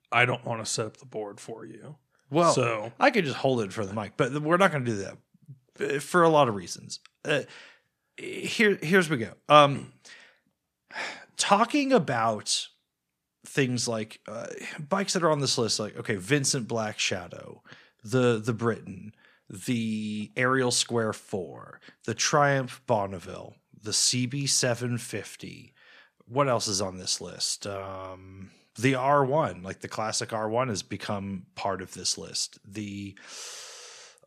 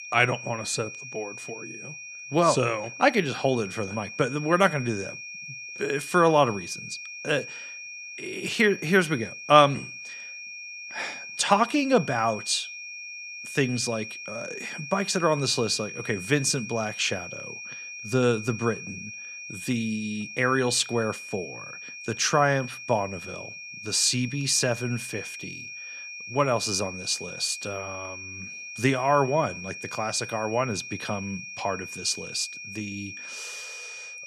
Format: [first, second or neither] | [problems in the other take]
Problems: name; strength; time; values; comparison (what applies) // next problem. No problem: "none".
first | high-pitched whine; noticeable; throughout; 2.5 kHz, 10 dB below the speech